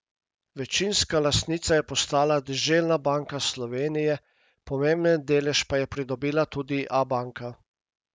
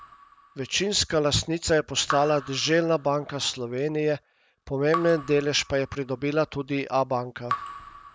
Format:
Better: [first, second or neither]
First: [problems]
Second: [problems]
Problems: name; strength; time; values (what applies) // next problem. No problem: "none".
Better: first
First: none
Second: background sound (Raindrop / Drip); 13 dB below the speech